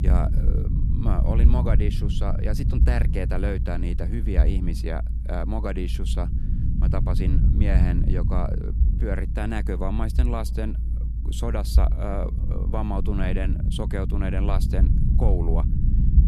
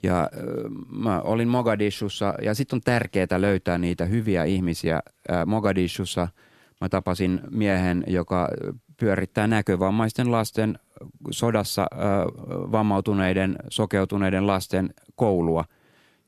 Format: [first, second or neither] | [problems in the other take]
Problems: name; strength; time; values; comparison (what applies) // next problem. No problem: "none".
second | low rumble; loud; throughout; 7 dB below the speech